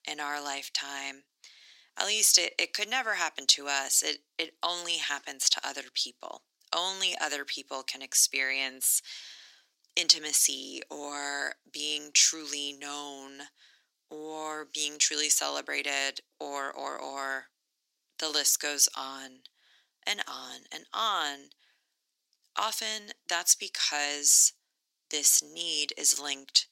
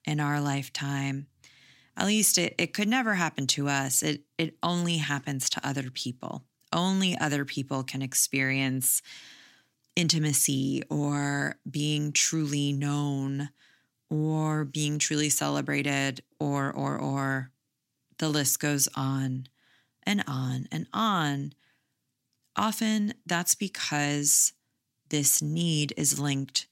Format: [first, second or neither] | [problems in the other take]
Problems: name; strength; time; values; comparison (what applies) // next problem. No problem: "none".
second | thin; very; fading below 400 Hz